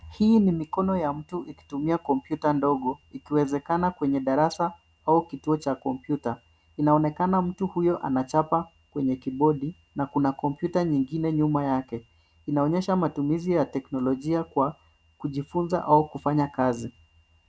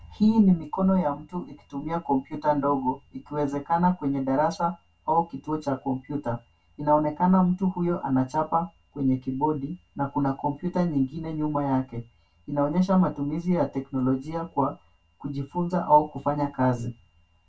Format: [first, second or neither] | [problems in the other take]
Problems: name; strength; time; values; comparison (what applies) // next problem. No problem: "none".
first | room echo; dies away in 0.1 s